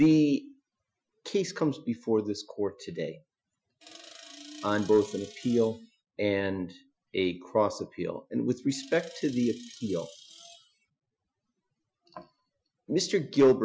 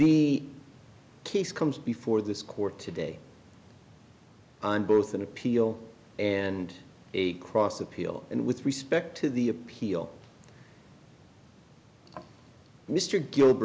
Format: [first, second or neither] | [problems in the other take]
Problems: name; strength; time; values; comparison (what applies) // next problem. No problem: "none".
second | noise reduction (classical method Wiener filter)